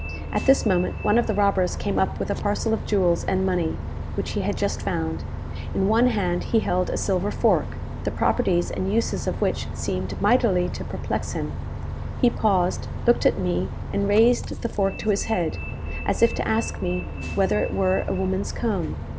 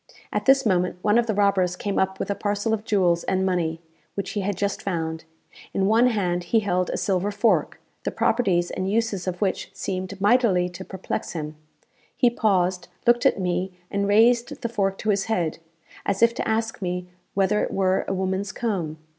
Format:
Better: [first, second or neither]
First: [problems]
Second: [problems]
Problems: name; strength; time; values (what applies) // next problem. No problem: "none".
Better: second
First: background sound (Bus); 6 dB below the speech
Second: none